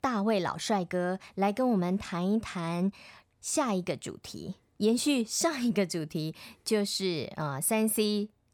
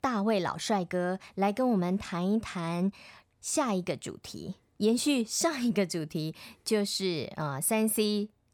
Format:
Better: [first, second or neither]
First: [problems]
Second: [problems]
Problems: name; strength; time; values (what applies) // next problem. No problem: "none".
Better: neither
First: none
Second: none